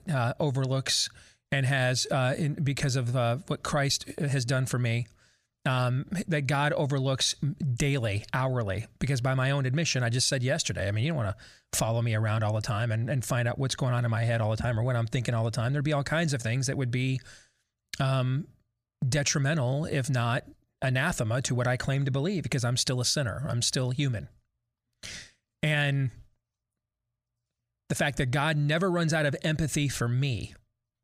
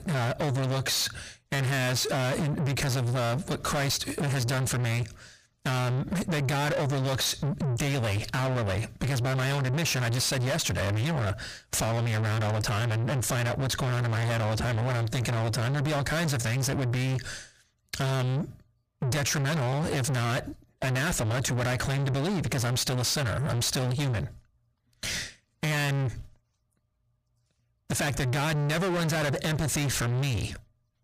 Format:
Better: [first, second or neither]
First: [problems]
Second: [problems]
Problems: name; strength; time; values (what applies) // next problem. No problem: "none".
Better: first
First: none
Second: distortion; heavy; 6 dB below the speech